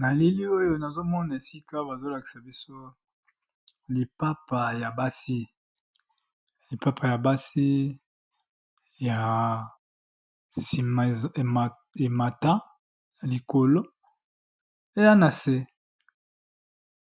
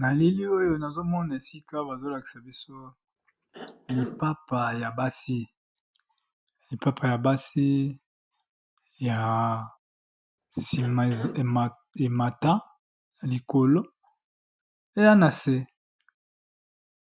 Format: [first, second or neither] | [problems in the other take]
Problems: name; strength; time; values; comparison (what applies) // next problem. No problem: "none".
first | background sound (Cough); 12 dB below the speech